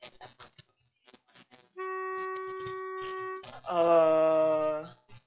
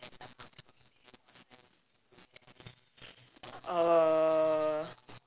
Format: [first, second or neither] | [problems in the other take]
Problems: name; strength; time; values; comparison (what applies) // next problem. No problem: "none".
second | noise reduction (classical method log-MMSE)